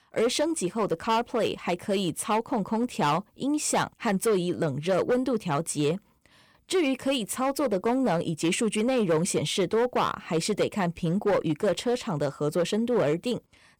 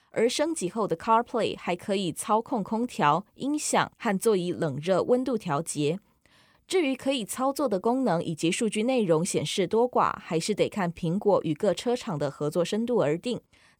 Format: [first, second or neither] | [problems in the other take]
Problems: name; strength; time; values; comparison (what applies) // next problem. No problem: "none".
second | distortion; slight; 8% of the sound clipped